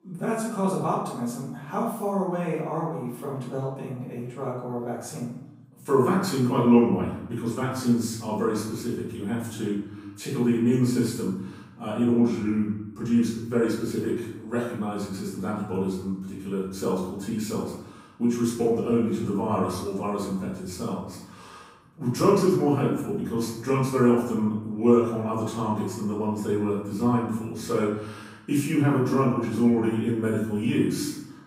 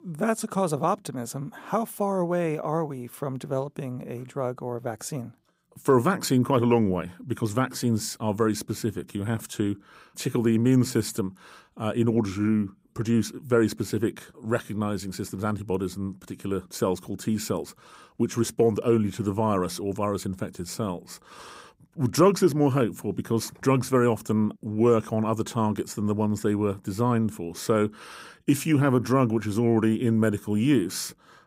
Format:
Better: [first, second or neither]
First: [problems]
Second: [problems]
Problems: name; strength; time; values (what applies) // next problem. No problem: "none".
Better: second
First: room echo; noticeable; dies away in 0.7 s // off-mic speech; far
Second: none